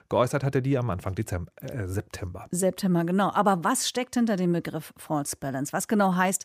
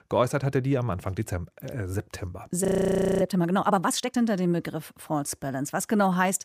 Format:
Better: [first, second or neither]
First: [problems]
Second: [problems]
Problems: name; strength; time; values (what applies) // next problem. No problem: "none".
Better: first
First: none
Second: audio freezing; at 2.5 s for 0.5 s